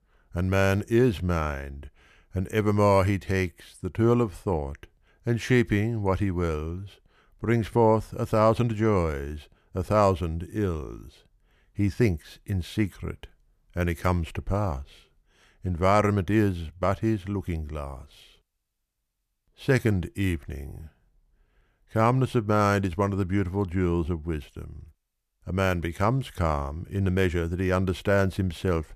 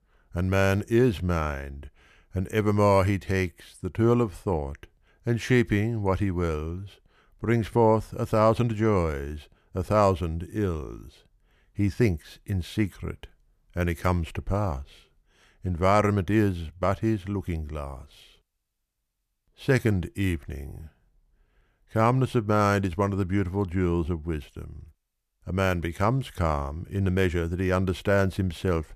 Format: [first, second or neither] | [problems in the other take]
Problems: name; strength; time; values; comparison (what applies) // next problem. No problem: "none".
neither | none